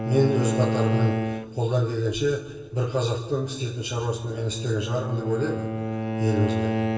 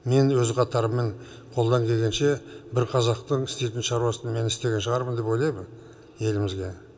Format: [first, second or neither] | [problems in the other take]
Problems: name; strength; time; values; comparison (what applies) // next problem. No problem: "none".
second | background sound (Bowed string instrument); 3 dB below the speech // room echo; dies away in 1 s